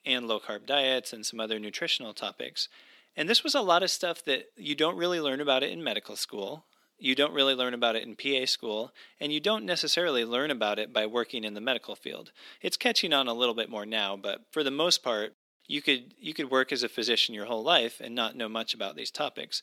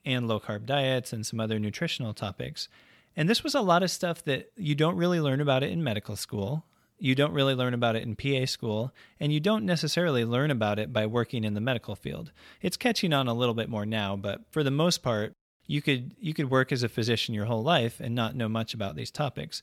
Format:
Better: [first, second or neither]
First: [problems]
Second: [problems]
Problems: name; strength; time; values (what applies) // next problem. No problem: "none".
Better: second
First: thin; somewhat; fading below 250 Hz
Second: none